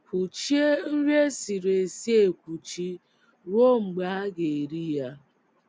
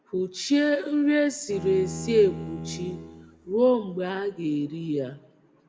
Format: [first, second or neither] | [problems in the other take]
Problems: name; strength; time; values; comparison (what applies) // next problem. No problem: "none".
first | background sound (Bowed string instrument); 12 dB below the speech // room echo; dies away in 0.7 s